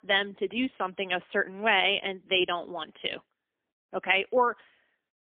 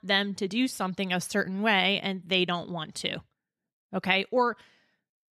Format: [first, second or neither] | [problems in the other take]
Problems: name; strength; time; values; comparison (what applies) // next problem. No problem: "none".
second | phone-call audio; poor line; nothing above 3.5 kHz